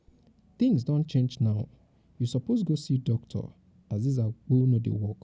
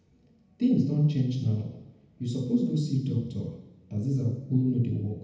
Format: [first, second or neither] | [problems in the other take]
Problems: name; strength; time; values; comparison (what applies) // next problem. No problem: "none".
first | room echo; dies away in 0.9 s